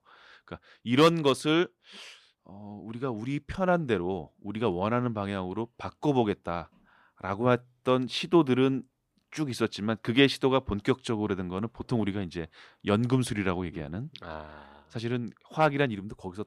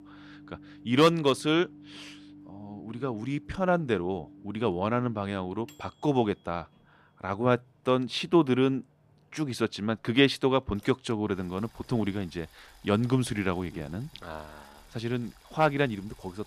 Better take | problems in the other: first | household noises; faint; throughout; 25 dB below the speech

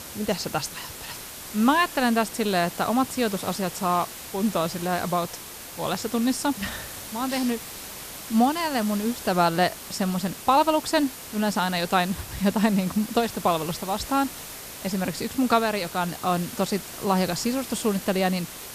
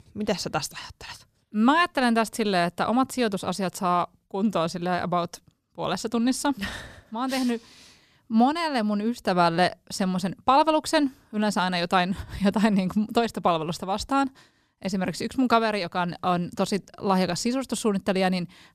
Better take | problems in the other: second | hiss; noticeable; throughout; 10 dB below the speech

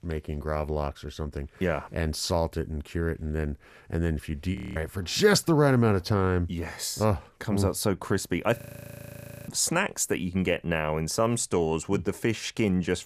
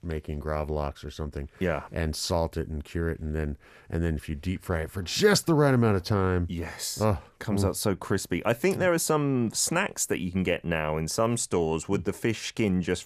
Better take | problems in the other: second | audio freezing; at 4.5 s and at 8.5 s for 1 s

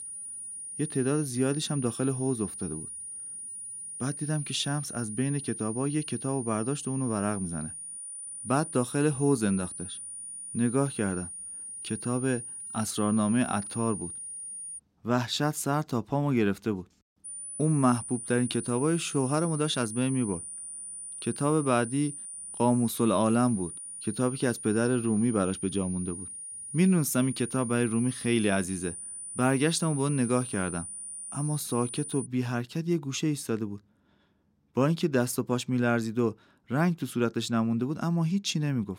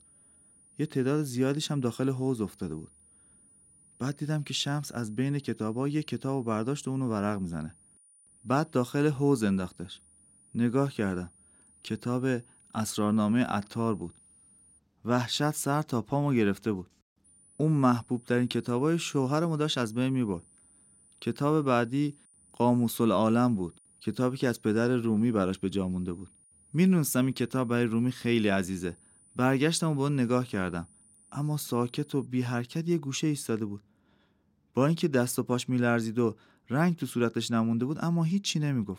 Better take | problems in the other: second | high-pitched whine; loud; until 15 s and from 17 to 32 s; 9.5 kHz, 8 dB below the speech; faint in the second

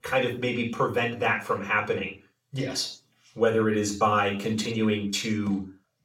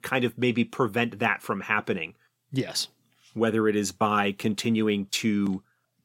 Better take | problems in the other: second | room echo; slight; dies away in 0.4 s // off-mic speech; far

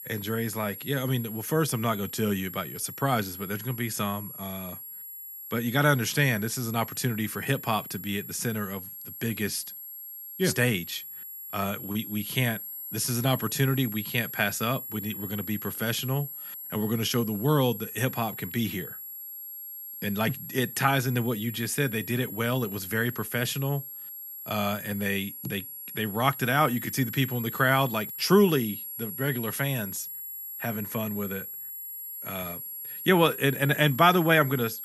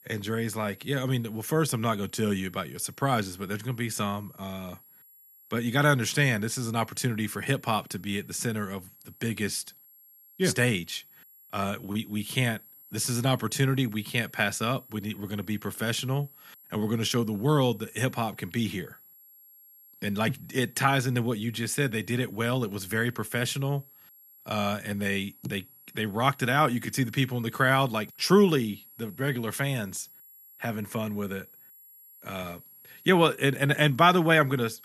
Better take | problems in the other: second | high-pitched whine; loud; throughout; 11.5 kHz, 9 dB below the speech; faint in the second

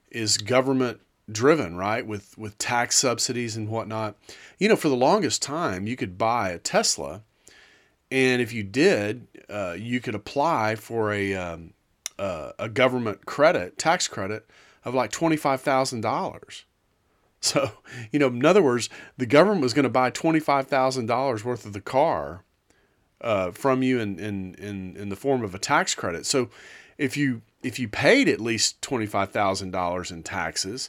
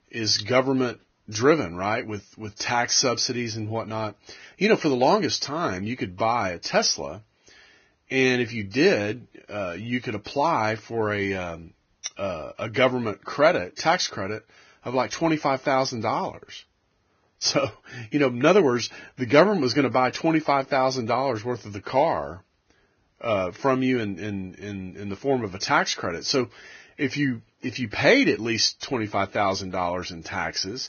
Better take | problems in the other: first | garbled, watery; badly; nothing above 6.5 kHz

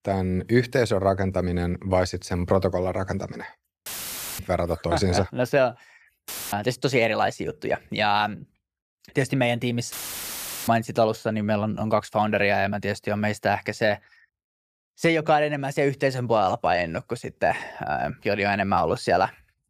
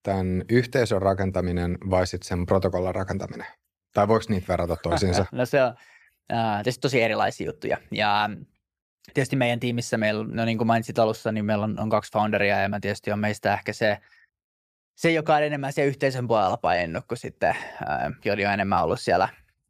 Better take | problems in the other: second | audio cutting out; filled with static; at 4 s for 0.5 s, at 6.5 s and at 10 s for 1 s

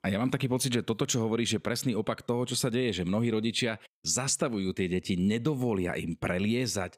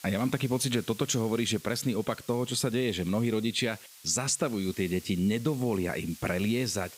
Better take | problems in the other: first | hiss; noticeable; throughout; 20 dB below the speech

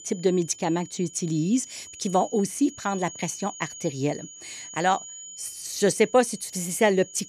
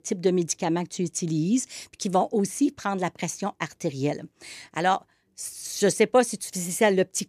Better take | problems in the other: second | high-pitched whine; noticeable; throughout; 6.5 kHz, 15 dB below the speech

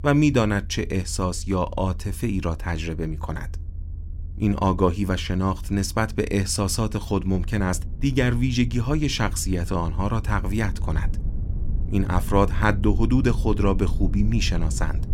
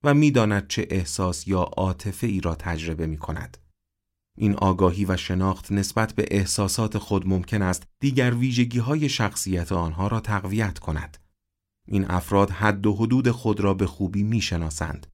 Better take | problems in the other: second | low rumble; faint; throughout; 20 dB below the speech

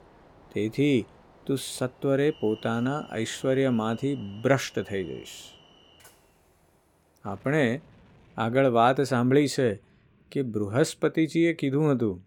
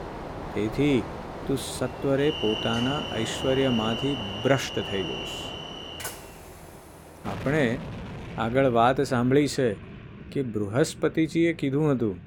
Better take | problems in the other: first | train or aircraft noise; loud; throughout; 9 dB below the speech; faint in the first

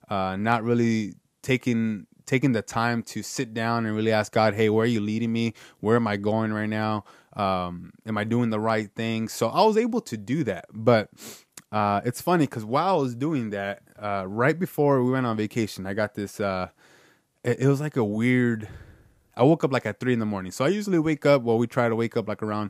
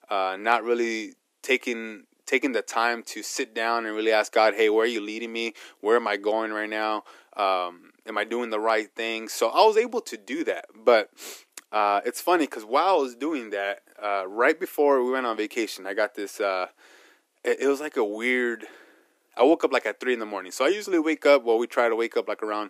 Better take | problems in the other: first | thin; somewhat; fading below 300 Hz

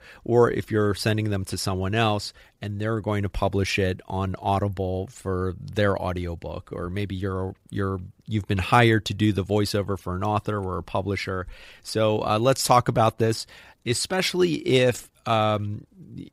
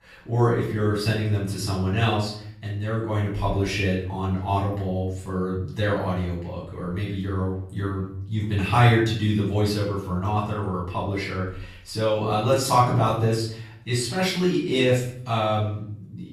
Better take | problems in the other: first | off-mic speech; far // room echo; noticeable; dies away in 0.6 s

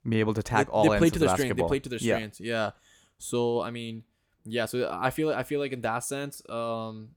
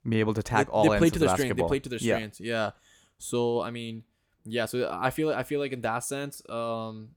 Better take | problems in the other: neither | none

